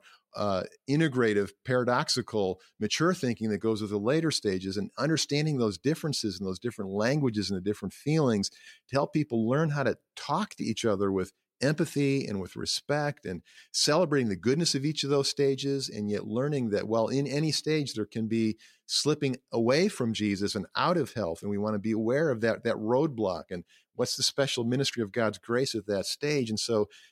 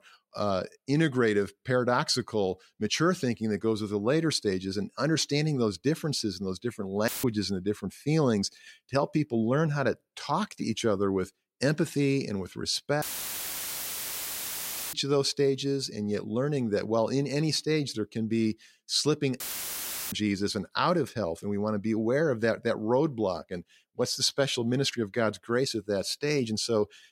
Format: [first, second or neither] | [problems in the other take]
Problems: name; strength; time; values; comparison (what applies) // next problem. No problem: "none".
first | audio cutting out; filled with static; at 7 s, at 13 s for 2 s and at 19 s for 0.5 s